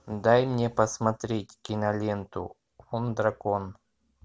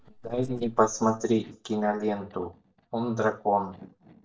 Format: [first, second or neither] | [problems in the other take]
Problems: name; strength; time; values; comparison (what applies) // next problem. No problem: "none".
first | noise reduction (neural mask model DeepFilterNet 3)